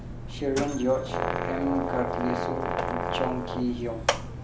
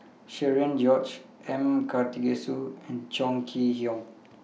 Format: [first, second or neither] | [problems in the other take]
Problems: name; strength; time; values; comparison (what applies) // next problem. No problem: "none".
second | background sound (Mechanisms + Brass instrument); as loud as the speech